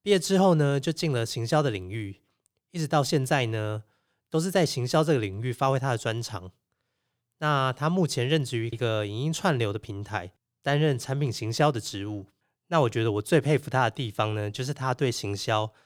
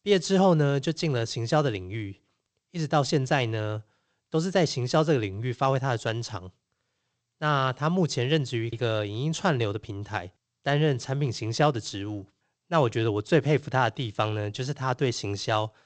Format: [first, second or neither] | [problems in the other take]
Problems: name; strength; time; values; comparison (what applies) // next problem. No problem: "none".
first | garbled, watery; slightly; nothing above 7.5 kHz